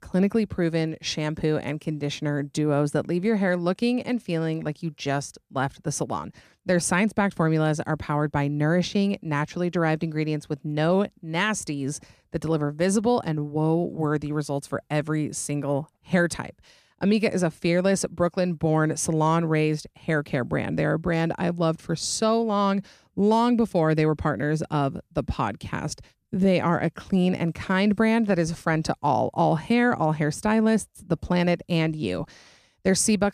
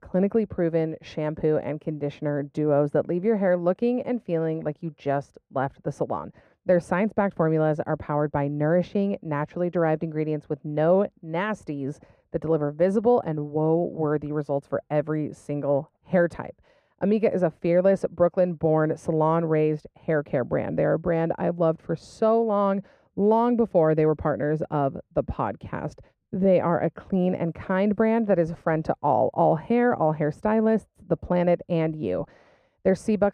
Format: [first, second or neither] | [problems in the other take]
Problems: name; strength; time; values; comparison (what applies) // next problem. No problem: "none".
first | muffled; very; fading above 3 kHz